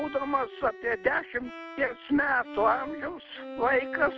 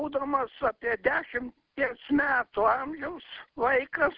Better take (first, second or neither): second